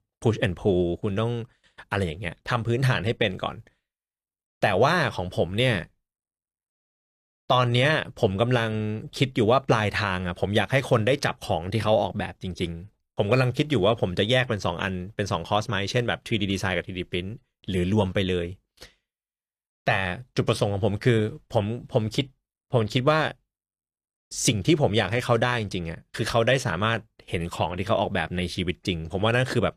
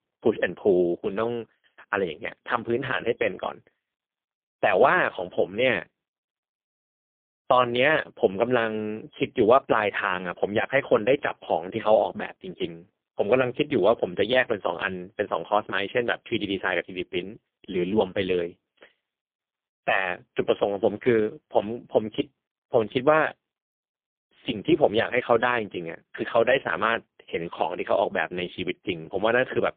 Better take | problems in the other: first | phone-call audio; poor line

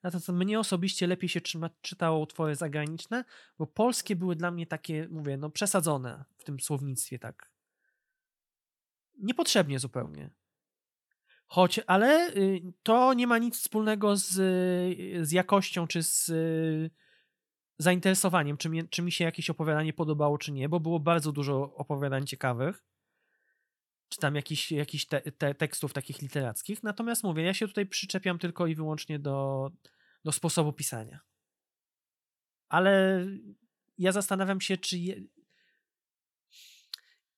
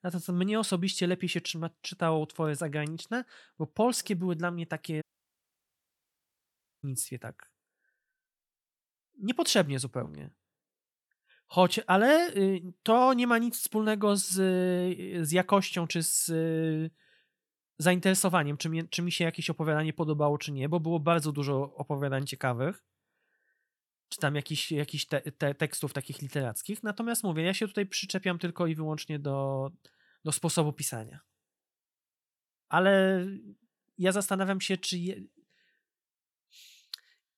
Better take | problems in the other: first | audio cutting out; at 5 s for 2 s

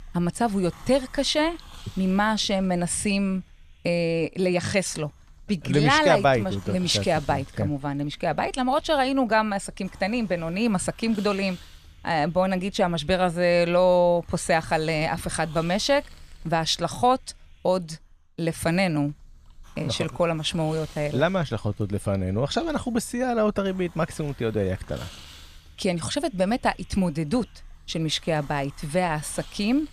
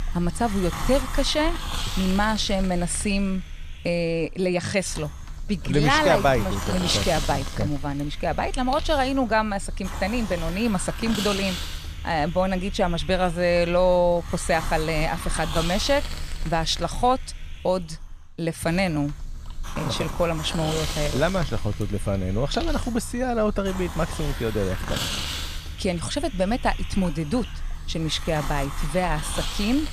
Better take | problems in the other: first | hiss; loud; throughout; 8 dB below the speech; faint in the first

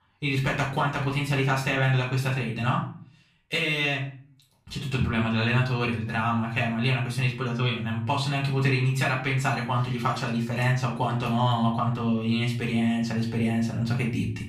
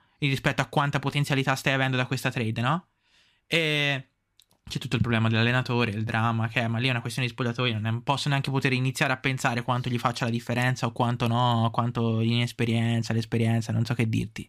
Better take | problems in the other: second | off-mic speech; far // room echo; slight; dies away in 0.4 s

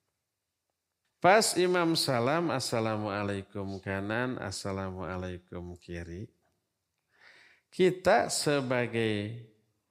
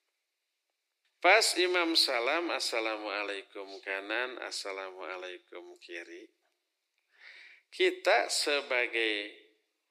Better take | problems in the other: first | thin; very; fading below 350 Hz

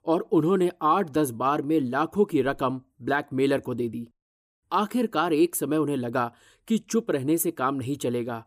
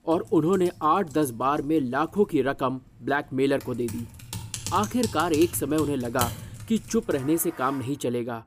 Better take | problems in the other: first | household noises; noticeable; throughout; 10 dB below the speech

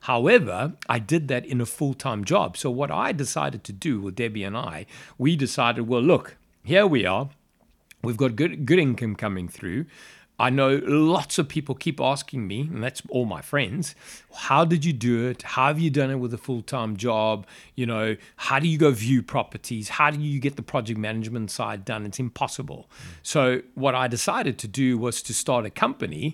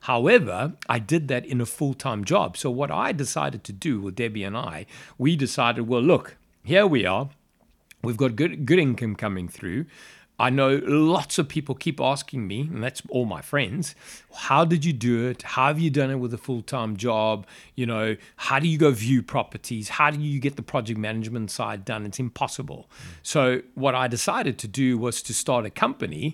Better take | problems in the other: neither | none

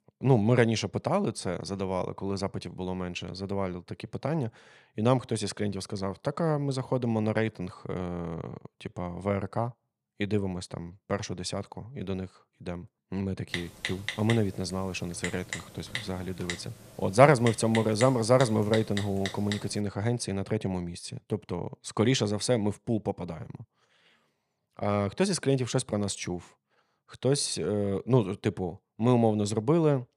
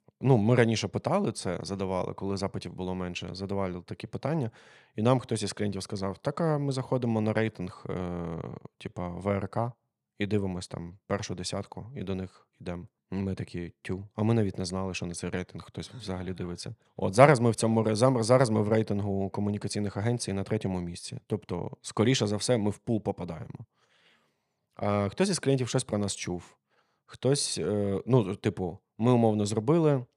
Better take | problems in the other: second | keyboard typing; noticeable; from 14 to 20 s; peak 5 dB below the speech

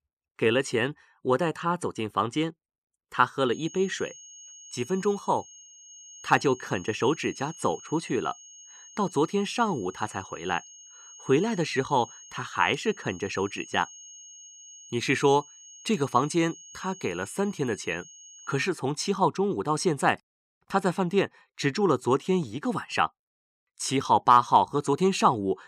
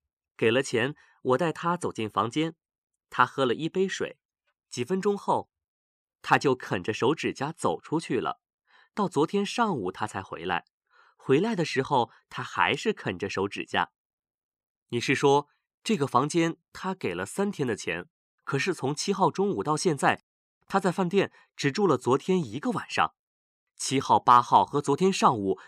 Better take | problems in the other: second | high-pitched whine; noticeable; from 3.5 to 19 s; 6.5 kHz, 20 dB below the speech

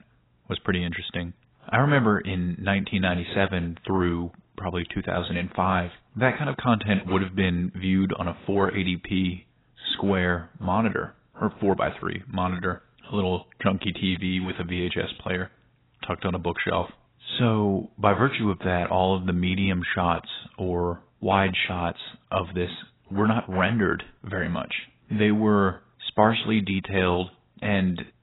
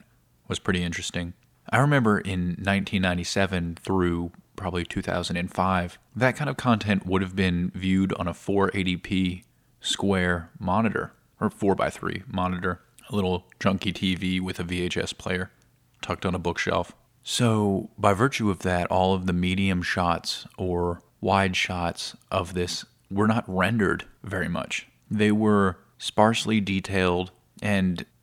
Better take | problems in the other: second | garbled, watery; badly; nothing above 4 kHz

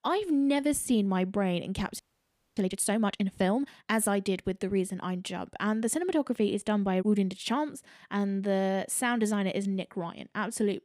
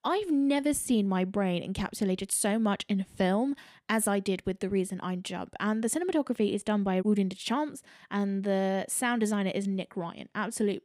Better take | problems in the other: second | audio freezing; at 2 s for 0.5 s

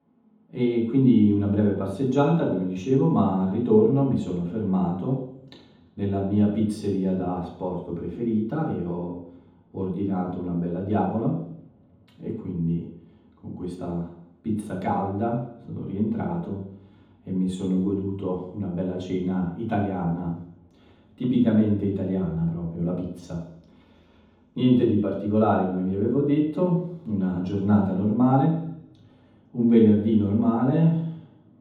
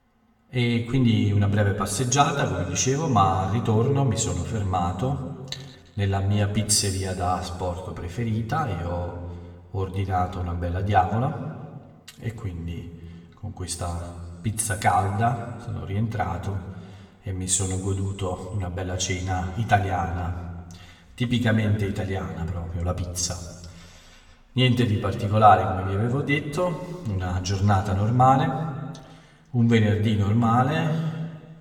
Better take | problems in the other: second | room echo; strong; dies away in 0.9 s; slight in the second // off-mic speech; far; somewhat distant in the second

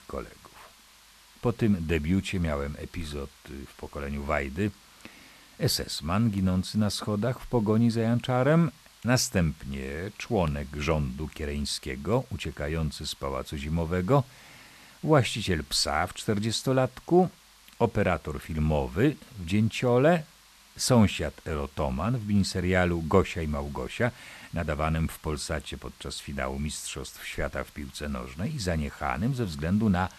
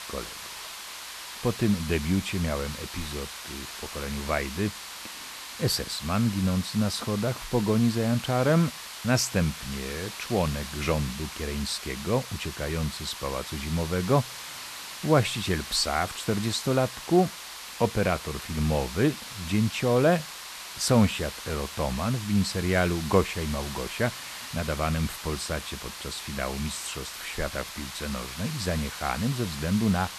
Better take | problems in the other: first | hiss; loud; throughout; 9 dB below the speech; faint in the first

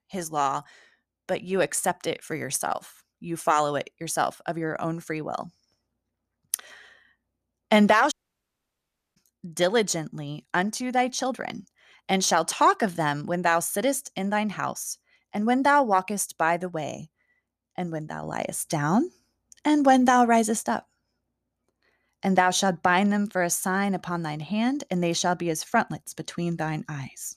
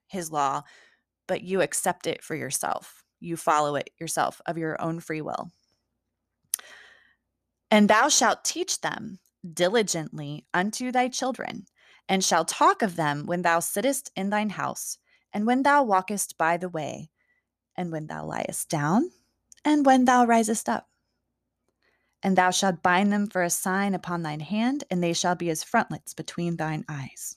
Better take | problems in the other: second | audio cutting out; at 8 s for 1 s

